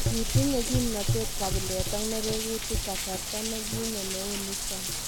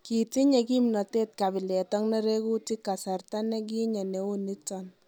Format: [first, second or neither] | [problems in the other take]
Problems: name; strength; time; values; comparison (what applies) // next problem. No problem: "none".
second | background sound (Gurgling / Engine + Rain); 3 dB above the speech